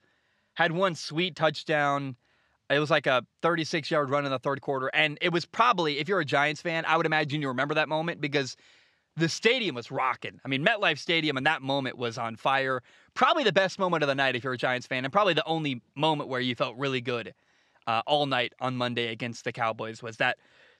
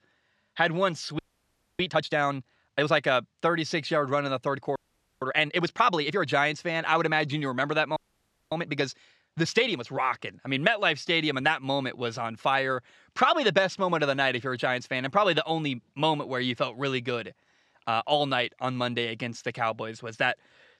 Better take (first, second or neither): first